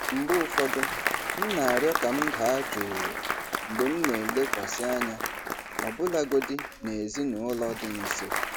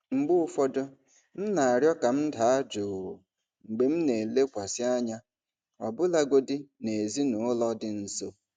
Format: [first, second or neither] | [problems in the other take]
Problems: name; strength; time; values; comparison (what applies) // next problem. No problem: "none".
second | background sound (Applause); 2 dB below the speech